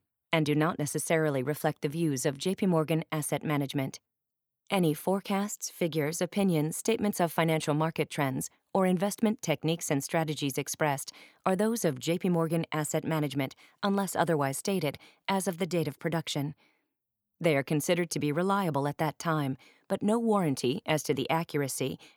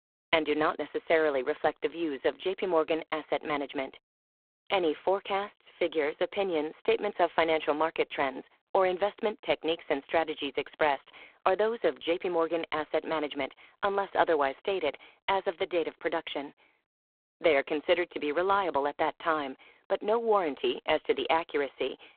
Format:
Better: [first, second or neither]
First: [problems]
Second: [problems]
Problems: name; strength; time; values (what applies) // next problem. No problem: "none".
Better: first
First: none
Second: phone-call audio; poor line